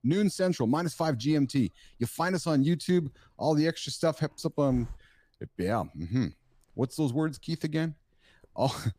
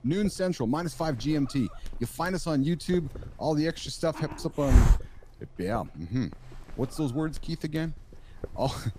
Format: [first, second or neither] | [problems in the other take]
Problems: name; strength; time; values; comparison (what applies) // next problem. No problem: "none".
first | hiss; loud; throughout; 1 dB below the speech; faint in the first